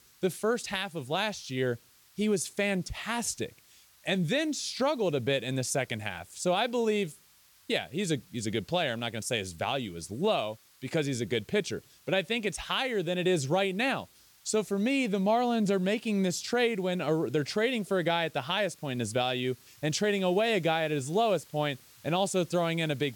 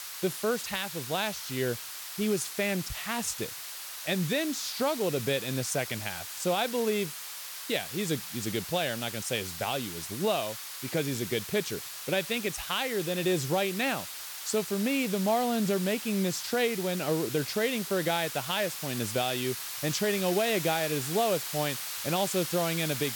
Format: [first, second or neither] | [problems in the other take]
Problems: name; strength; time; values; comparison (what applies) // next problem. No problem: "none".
first | hiss; loud; throughout; 6 dB below the speech; faint in the first